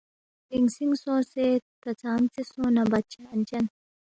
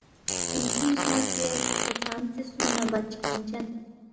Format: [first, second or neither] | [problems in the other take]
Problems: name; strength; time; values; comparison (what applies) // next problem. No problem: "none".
first | background sound (Fart); 1 dB above the speech // room echo; dies away in 1.3 s